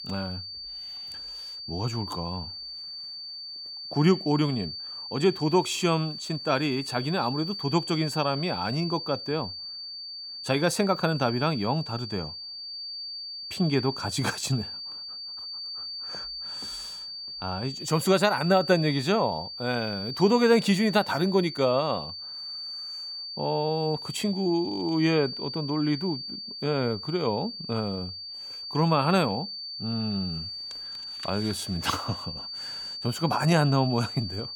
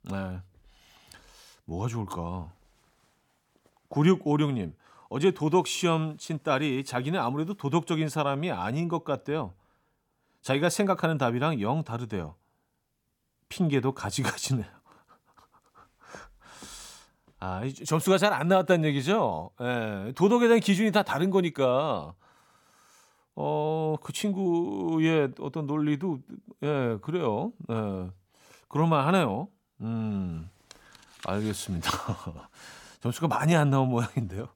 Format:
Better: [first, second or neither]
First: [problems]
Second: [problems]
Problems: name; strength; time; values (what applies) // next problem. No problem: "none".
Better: second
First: high-pitched whine; loud; throughout; 4.5 kHz, 8 dB below the speech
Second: none